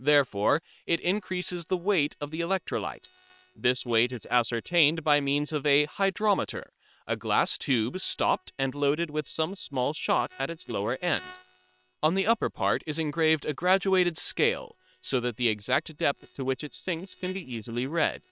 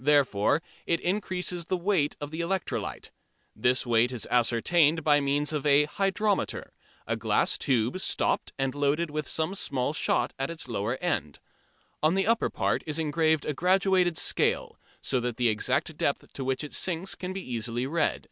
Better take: second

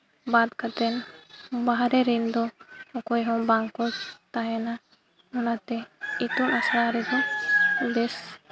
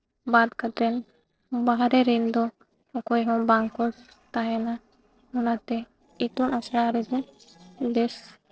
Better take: first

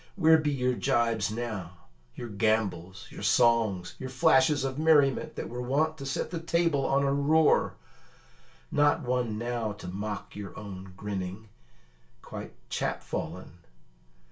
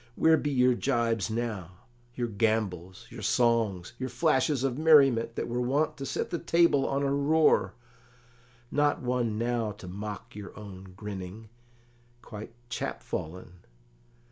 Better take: second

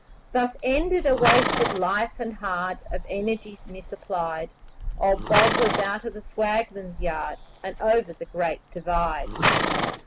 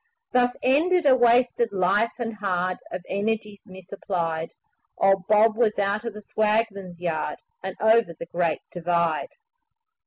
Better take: second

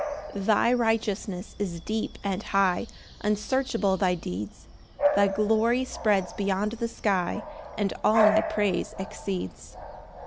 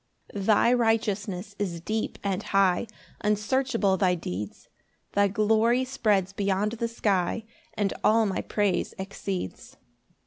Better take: second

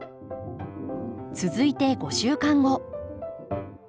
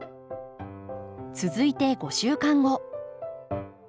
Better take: second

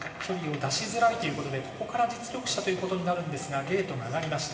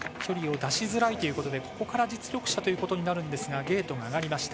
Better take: second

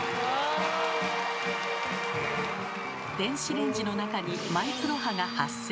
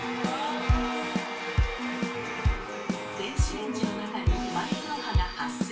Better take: first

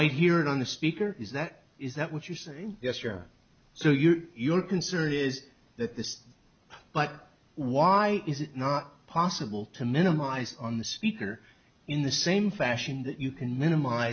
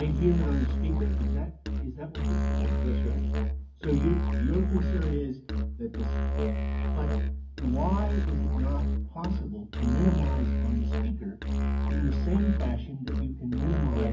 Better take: first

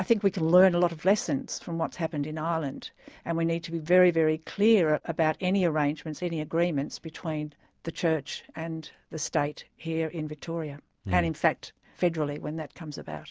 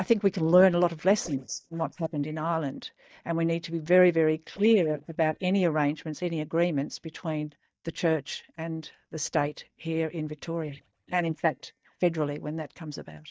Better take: first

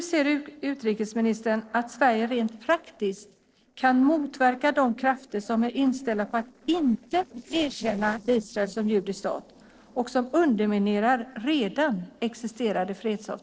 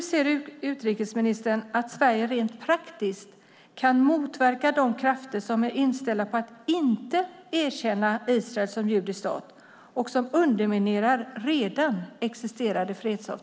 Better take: second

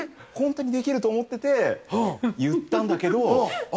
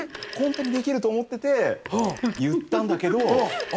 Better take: first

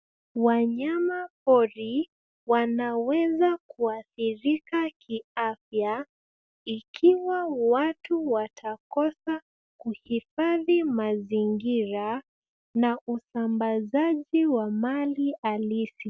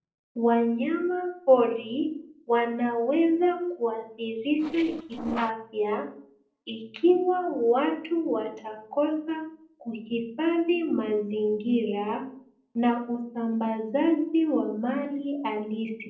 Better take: first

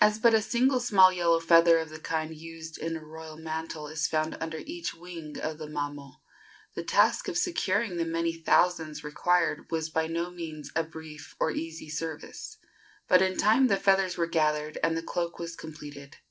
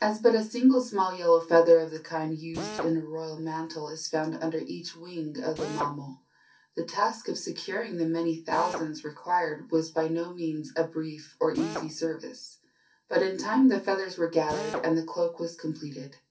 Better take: first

